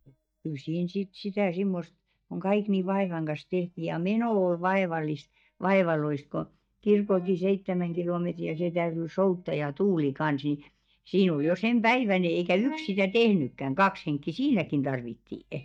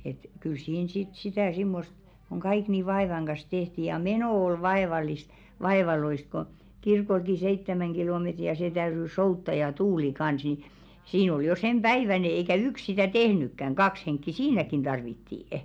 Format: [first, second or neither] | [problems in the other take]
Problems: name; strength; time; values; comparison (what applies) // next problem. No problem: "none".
second | noise reduction (neural mask model DeepFilterNet 3)